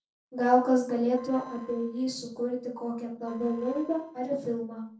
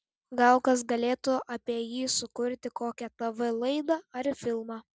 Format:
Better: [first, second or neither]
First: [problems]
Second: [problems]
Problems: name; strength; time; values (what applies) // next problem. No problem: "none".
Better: second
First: noise reduction (neural separator model SepFormer DNS4)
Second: none